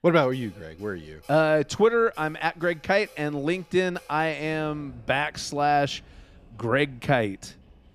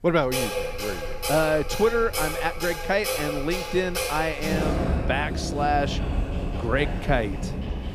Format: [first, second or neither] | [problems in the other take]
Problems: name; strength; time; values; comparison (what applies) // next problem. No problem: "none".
first | household noises; loud; throughout; 3 dB below the speech; faint in the first